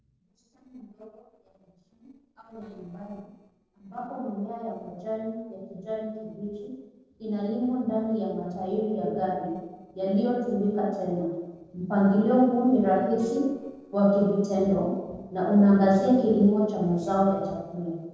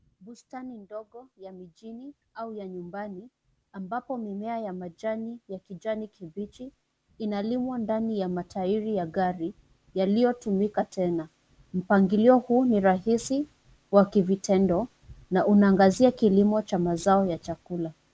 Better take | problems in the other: second | noise reduction (neural separator model SepFormer DNS4)

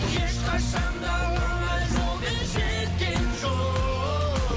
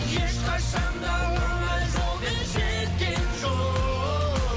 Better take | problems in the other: second | background sound (Tap + Bowed string instrument); 12 dB below the speech

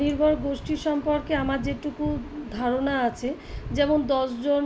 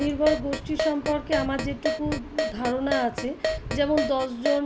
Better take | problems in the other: first | background sound (Keyboard (musical)); 4 dB below the speech

